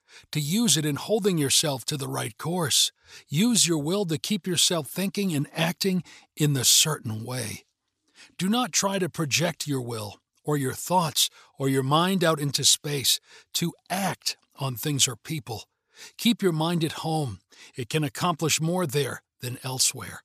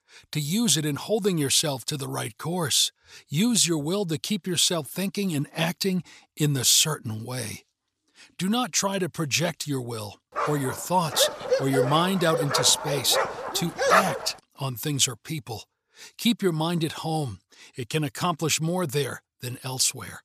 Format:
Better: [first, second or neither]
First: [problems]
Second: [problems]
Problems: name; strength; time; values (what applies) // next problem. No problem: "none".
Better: first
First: none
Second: dog barking; loud; from 10 to 14 s; peak 4 dB above the speech